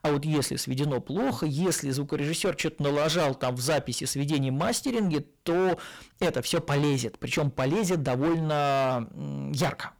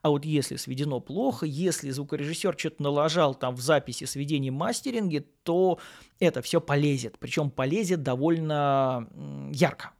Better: second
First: distortion; heavy; 19% of the sound clipped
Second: none

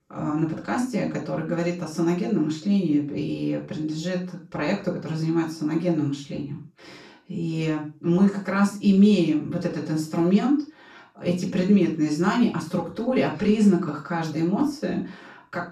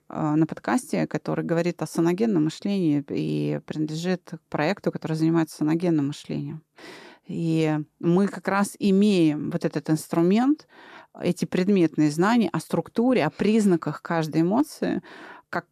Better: second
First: room echo; slight; dies away in 0.3 s // off-mic speech; far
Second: none

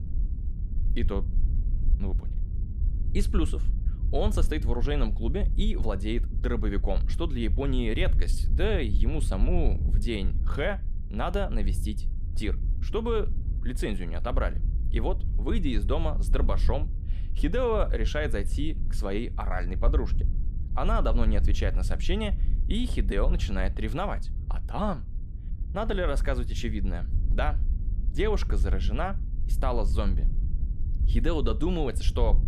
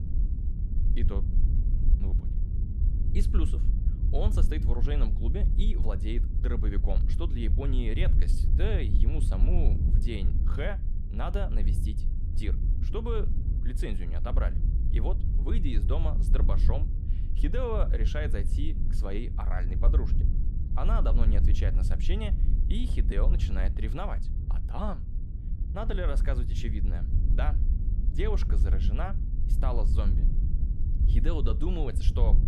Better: first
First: wind noise on the microphone; occasional gusts; 15 dB below the speech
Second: wind noise on the microphone; heavy; 8 dB below the speech

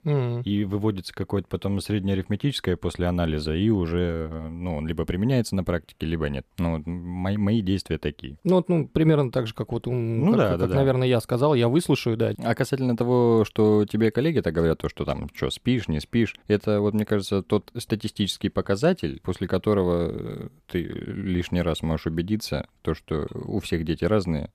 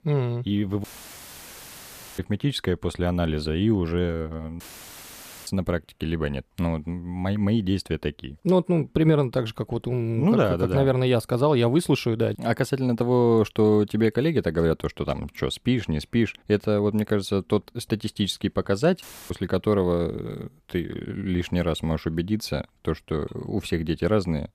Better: first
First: none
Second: audio cutting out; filled with static; at 1 s for 1.5 s, at 4.5 s for 1 s and at 19 s

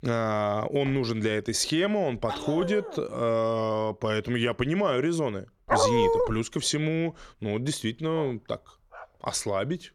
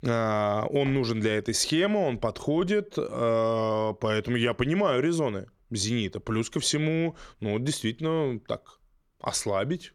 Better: second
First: dog barking; noticeable; at 2.5 s; peak 6 dB below the speech // dog barking; loud; at 5.5 s; peak 5 dB above the speech // dog barking; faint; at 8 s; peak 15 dB below the speech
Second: none

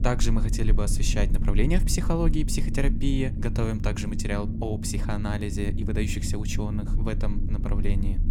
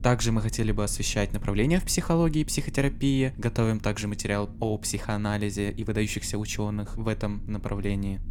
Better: second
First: low rumble; loud; throughout; 8 dB below the speech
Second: low rumble; faint; throughout; 25 dB below the speech

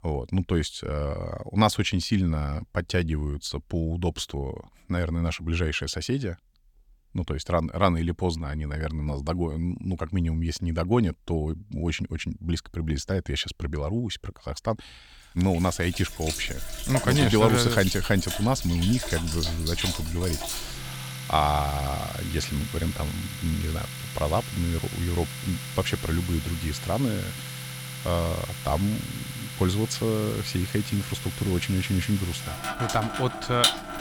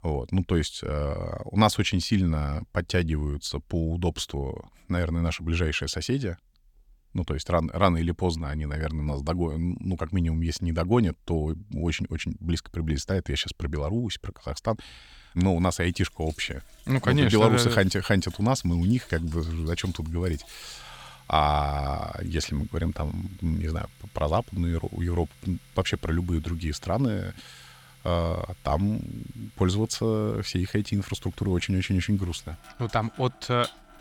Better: second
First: household noises; loud; from 16 s on; 5 dB below the speech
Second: household noises; faint; from 16 s on; 25 dB below the speech

